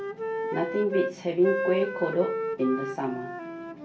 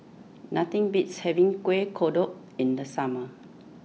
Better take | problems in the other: second | background sound (Wind instrument, woodwind instrument); 3 dB below the speech // room echo; dies away in 0.2 s

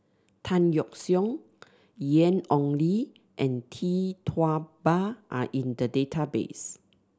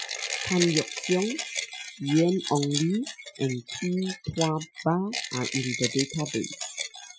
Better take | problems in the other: first | noise reduction (classical method Wiener filter)

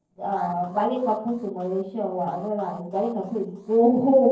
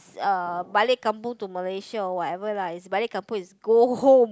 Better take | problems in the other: second | noise reduction (neural separator model SepFormer DNS4)

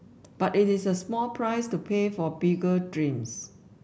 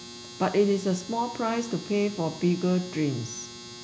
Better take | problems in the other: first | background sound (Domestic sounds, home sounds); 15 dB below the speech

